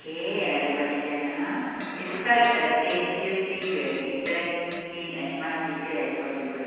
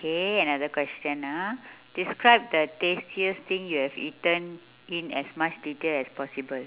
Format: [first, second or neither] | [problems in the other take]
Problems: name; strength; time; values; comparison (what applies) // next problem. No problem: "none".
second | background sound (Fart); 14 dB below the speech // room echo; dies away in 2.1 s